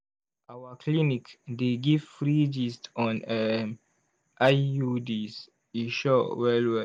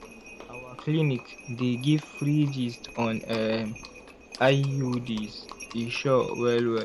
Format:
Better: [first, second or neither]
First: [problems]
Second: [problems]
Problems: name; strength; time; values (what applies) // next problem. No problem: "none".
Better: first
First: none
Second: background sound (Livestock, farm animals, working animals); 17 dB below the speech